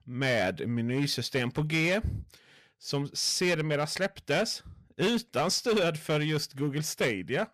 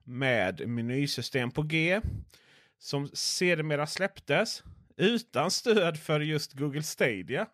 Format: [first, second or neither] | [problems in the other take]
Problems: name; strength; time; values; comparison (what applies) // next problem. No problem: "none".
second | distortion; slight; 8% of the sound clipped